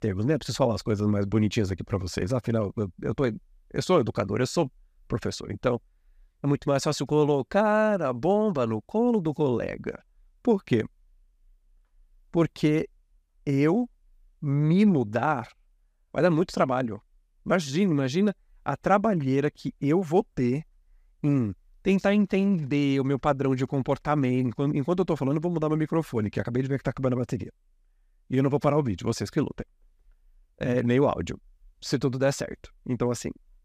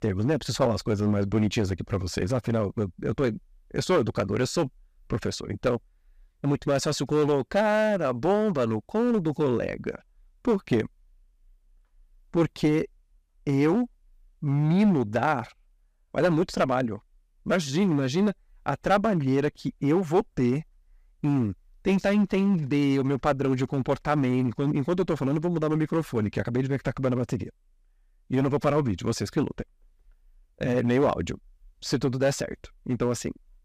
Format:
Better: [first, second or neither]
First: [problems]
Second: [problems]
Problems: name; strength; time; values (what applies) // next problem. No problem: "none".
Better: first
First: none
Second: distortion; slight; 5% of the sound clipped